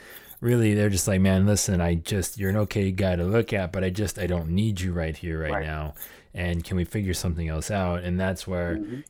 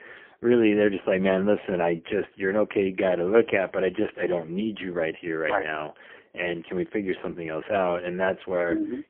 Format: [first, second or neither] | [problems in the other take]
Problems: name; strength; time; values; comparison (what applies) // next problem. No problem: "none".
first | phone-call audio; poor line; nothing above 3 kHz